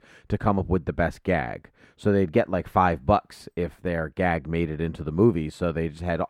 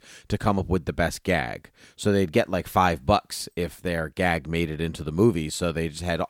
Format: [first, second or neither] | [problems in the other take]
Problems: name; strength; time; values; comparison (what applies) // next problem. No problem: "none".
second | muffled; slightly; fading above 3 kHz